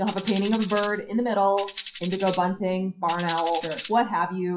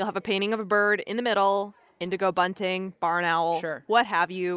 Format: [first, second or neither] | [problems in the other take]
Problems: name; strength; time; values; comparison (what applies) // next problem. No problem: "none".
second | noise reduction (classical method WPE with log-MMSE)